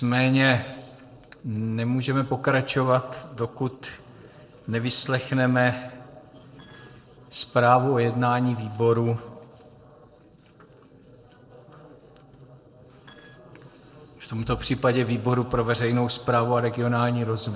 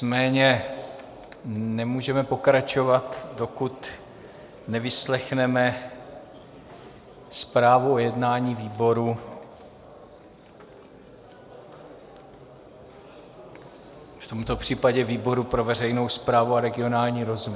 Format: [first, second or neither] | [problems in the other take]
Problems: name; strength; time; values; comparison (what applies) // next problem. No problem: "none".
second | noise reduction (neural separator model SepFormer DNS4)